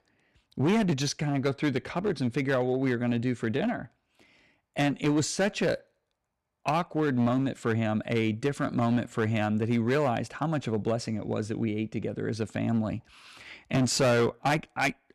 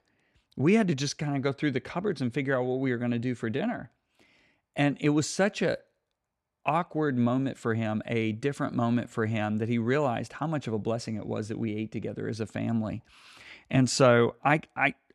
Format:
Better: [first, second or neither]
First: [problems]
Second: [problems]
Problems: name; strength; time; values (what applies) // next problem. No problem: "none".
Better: second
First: distortion; slight; 7% of the sound clipped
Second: none